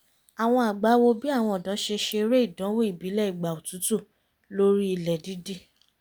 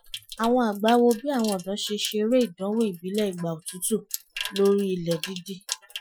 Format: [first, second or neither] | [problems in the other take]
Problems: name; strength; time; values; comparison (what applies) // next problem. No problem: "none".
first | noise reduction (classical method Wiener filter)